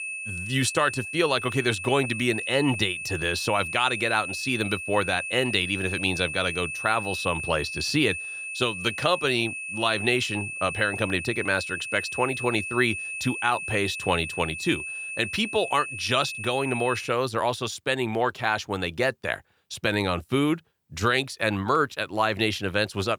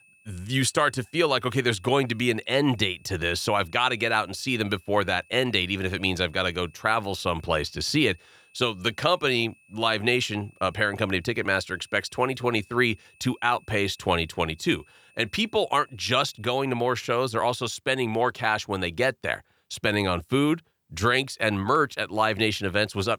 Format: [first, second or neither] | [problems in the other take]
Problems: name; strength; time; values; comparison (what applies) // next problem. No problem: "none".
second | high-pitched whine; loud; until 17 s; 2.5 kHz, 6 dB below the speech; faint in the second